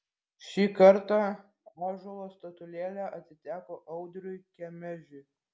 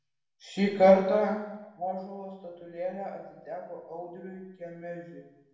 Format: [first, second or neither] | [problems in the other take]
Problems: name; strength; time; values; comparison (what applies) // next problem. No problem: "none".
first | room echo; dies away in 0.8 s